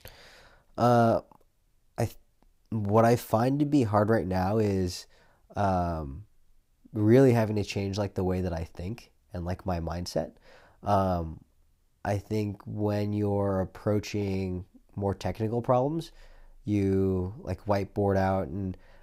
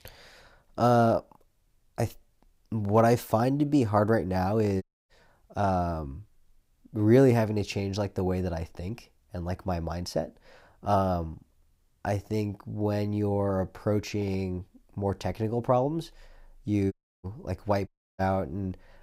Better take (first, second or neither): first